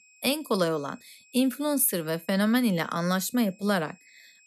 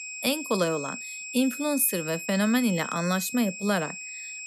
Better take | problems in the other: first | high-pitched whine; loud; throughout; 2.5 kHz, 9 dB below the speech; faint in the first

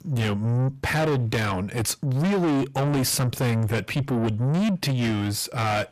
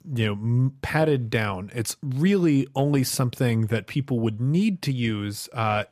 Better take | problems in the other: second | distortion; heavy; 6 dB below the speech

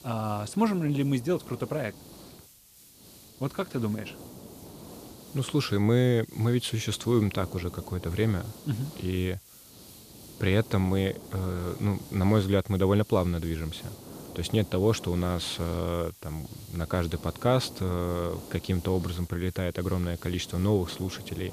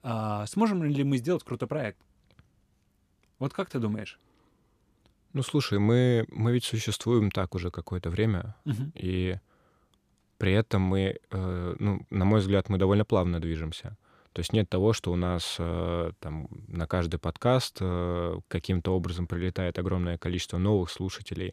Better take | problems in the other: second | hiss; noticeable; throughout; 15 dB below the speech

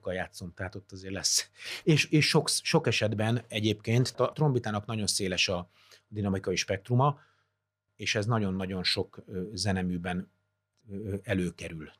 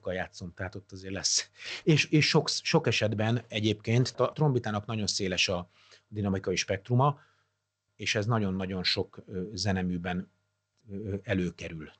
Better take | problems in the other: first | garbled, watery; slightly; nothing above 7.5 kHz

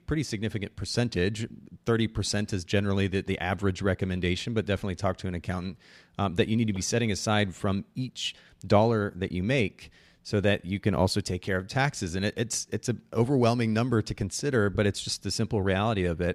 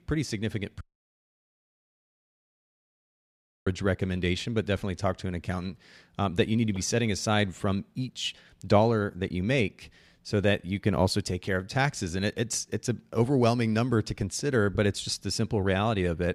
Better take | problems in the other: first | audio cutting out; at 1 s for 3 s

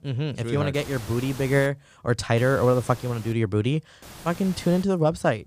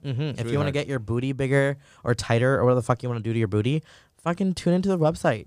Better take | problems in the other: second | hiss; noticeable; at 0.5 s, at 2.5 s and at 4 s; 15 dB below the speech

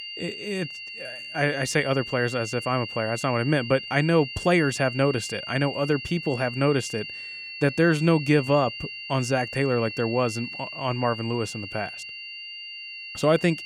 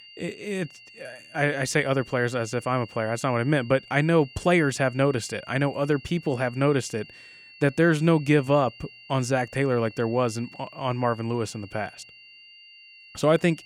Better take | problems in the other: second | high-pitched whine; loud; throughout; 3 kHz, 9 dB below the speech; faint in the second

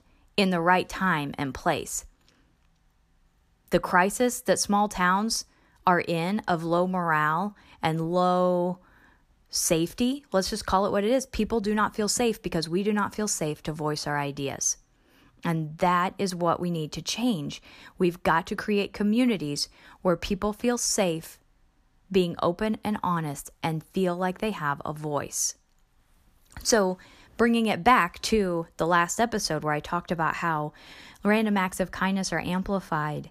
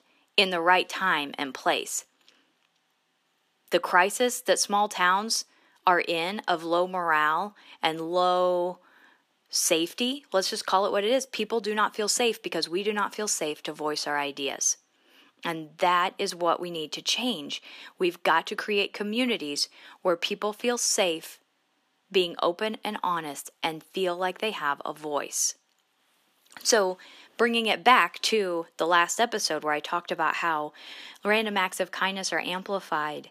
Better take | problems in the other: first | thin; somewhat; fading below 300 Hz

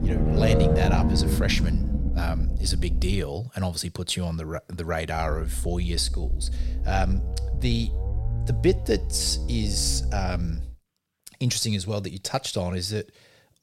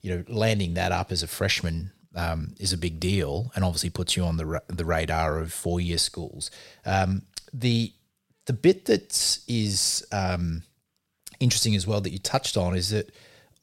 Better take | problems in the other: second | low rumble; loud; until 3 s and from 5 to 11 s; 5 dB below the speech

